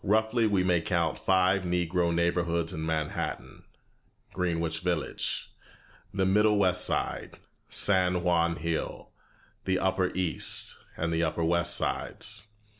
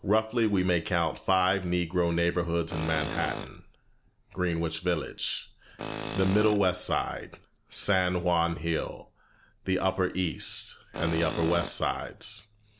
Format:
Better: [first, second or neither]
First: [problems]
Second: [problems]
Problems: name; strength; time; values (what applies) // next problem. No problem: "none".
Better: first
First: none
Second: background sound (Tools); 9 dB below the speech